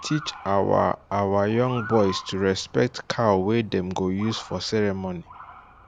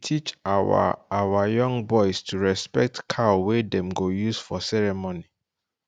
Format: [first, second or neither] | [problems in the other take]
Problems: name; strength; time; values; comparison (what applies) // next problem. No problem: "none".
second | background sound (Motor vehicle (road) / Siren); 17 dB below the speech